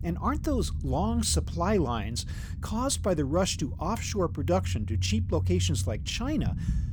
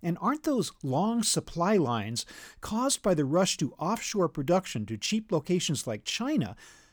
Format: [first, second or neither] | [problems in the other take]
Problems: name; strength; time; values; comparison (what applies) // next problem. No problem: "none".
second | low rumble; noticeable; throughout; 15 dB below the speech